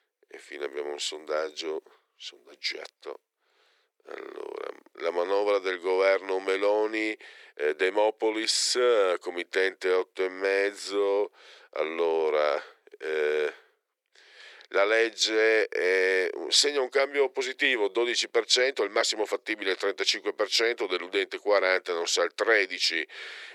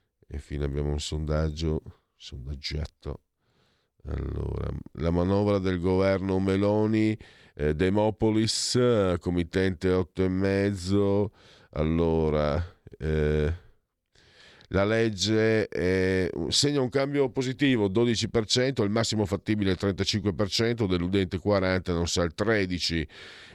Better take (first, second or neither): second